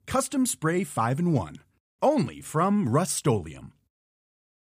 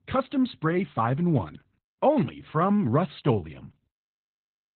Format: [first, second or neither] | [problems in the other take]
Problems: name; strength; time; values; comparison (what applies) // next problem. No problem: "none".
first | garbled, watery; badly; nothing above 4 kHz